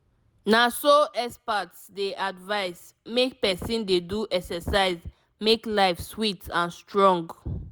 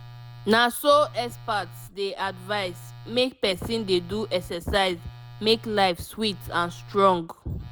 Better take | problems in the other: first | background sound (Telephone); 18 dB below the speech

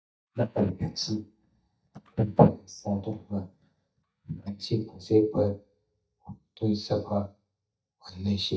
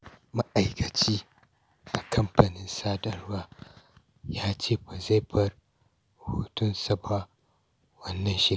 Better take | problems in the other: second | noise reduction (neural mask model DeepFilterNet 3)

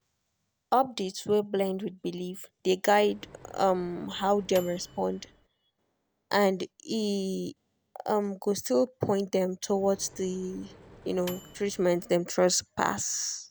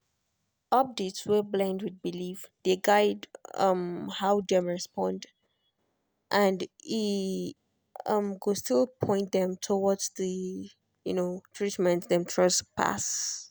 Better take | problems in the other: second | background sound (Microwave oven); 20 dB below the speech

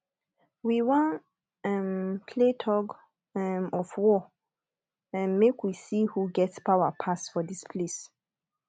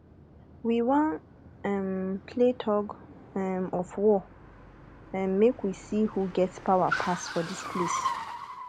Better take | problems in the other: first | background sound (Car); 11 dB below the speech

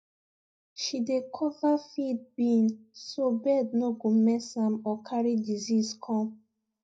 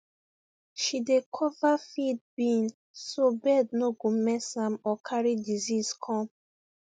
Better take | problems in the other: second | room echo; dies away in 0.3 s

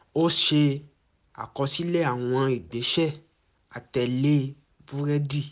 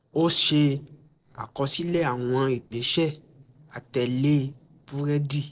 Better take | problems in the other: first | noise reduction (neural separator model SepFormer DNS4)

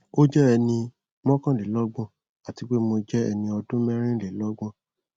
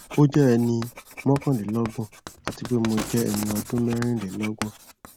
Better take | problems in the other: first | background sound (Writing + Drawer open or close / Wood); 13 dB below the speech

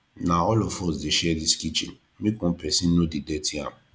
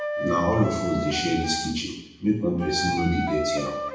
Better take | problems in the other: first | background sound (Wind instrument, woodwind instrument); 5 dB below the speech // room echo; dies away in 0.8 s

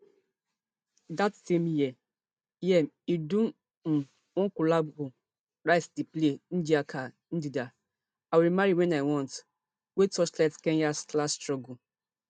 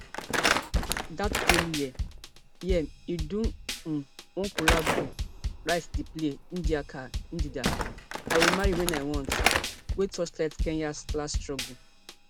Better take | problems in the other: first | background sound (Drum kit + Slam / Wood); 2 dB above the speech

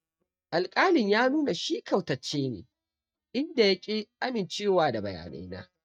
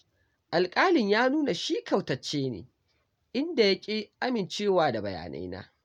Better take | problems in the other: second | noise reduction (neural mask model DeepFilterNet 3)

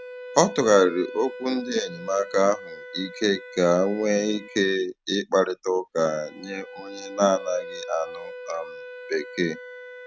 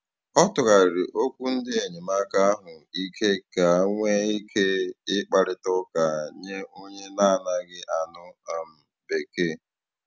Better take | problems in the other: second | background sound (Wind instrument, woodwind instrument); 15 dB below the speech

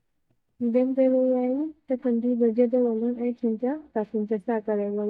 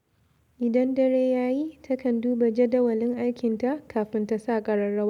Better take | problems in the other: second | noise reduction (neural mask model DeepFilterNet 3)

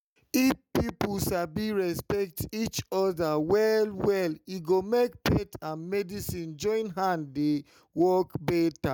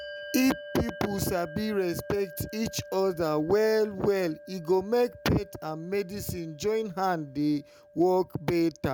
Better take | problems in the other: first | background sound (Bell); 17 dB below the speech

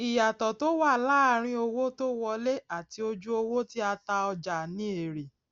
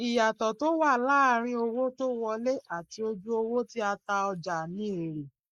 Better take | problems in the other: first | noise reduction (neural mask model Resemble Enhance denoiser)

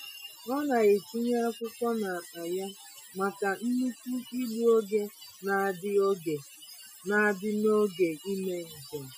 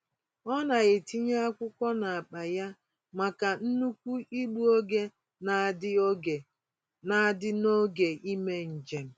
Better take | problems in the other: second | noise reduction (classical method Wiener filter)

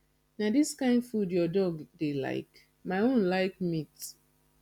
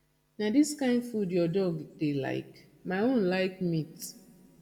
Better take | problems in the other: first | room echo; dies away in 1.3 s

